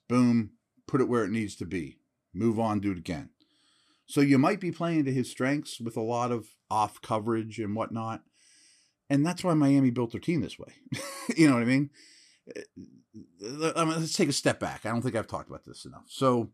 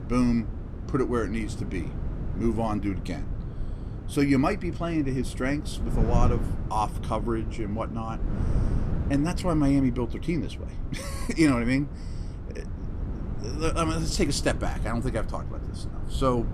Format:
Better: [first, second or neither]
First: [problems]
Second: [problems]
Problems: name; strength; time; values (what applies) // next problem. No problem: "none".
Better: first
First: none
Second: wind noise on the microphone; occasional gusts; 15 dB below the speech